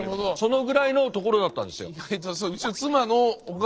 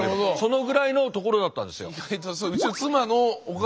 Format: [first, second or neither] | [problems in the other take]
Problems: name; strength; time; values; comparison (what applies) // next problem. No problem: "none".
second | noise reduction (neural separator model SepFormer DNS4)